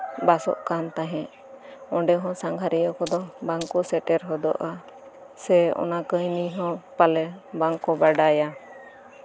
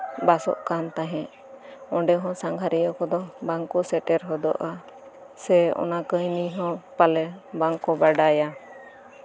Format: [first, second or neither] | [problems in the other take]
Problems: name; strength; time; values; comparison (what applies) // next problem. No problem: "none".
second | background sound (Glass); 20 dB below the speech